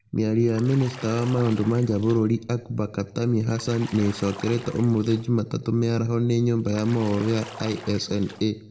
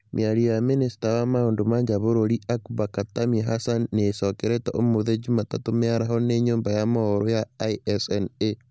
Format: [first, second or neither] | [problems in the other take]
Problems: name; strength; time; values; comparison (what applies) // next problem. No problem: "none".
second | background sound (Bathtub (filling or washing) / Splash, splatter); 18 dB below the speech // room echo; dies away in 0.5 s